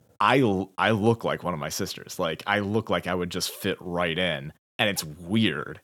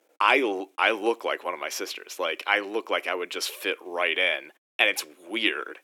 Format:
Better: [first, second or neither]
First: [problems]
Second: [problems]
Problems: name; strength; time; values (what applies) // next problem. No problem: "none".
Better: first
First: none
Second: thin; somewhat; fading below 300 Hz